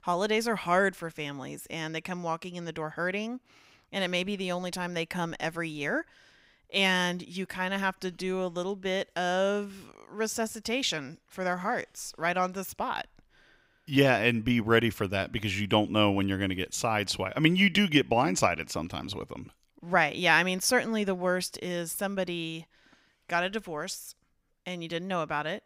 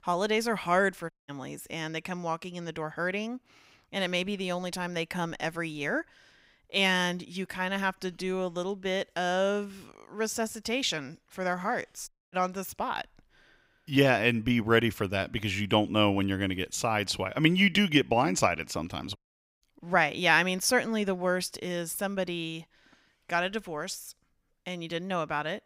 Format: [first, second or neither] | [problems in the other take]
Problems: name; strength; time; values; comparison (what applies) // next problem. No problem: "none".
first | audio cutting out; at 1 s, at 12 s and at 19 s